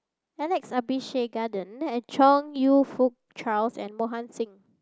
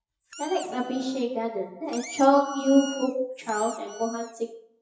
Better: first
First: none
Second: noise reduction (classical method WPE with log-MMSE)

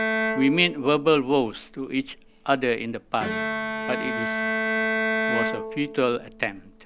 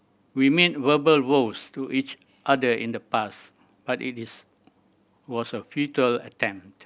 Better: second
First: background sound (Bowed string instrument); 3 dB below the speech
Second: none

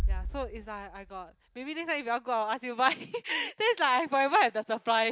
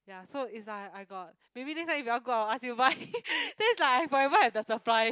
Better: second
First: background sound (Bass drum); 10 dB below the speech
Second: none

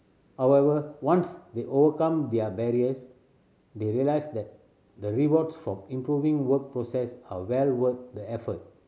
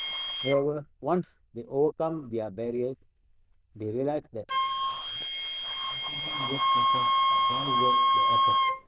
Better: first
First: none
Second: noise reduction (neural diffusion model UNIVERSE++)

